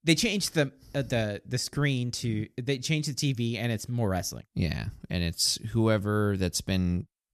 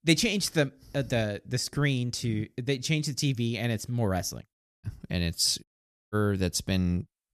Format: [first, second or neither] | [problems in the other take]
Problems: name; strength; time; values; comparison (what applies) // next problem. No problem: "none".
first | audio cutting out; at 4.5 s and at 5.5 s